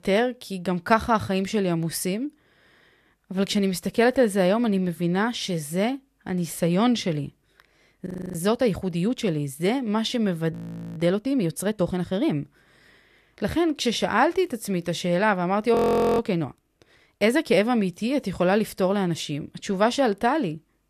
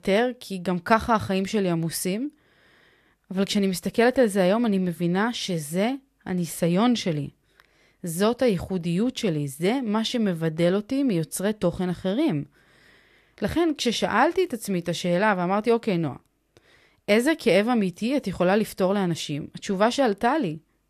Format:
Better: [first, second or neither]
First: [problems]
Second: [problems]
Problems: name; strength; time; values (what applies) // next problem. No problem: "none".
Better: second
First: audio freezing; at 8 s, at 11 s and at 16 s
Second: none